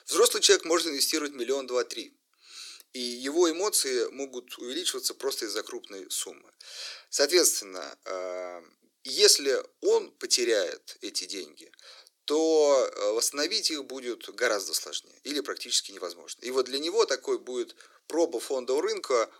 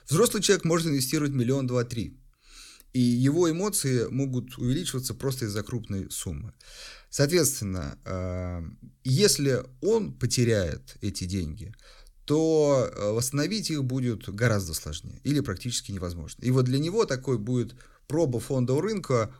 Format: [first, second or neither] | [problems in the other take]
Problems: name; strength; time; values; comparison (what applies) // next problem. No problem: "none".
second | thin; very; fading below 350 Hz